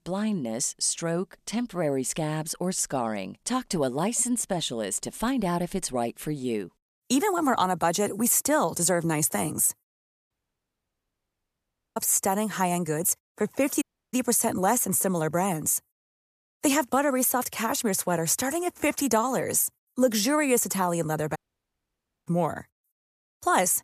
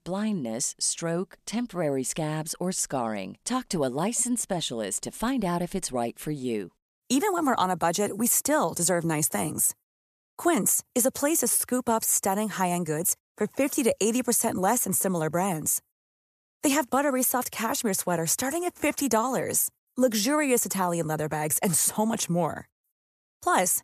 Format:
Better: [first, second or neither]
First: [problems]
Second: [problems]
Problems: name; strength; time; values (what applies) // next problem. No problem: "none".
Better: second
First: audio cutting out; at 10 s for 1.5 s, at 14 s and at 21 s for 1 s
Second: none